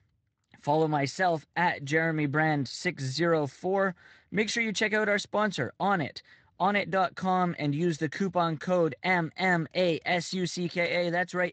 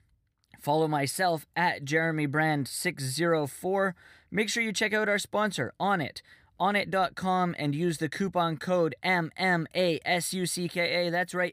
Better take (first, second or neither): second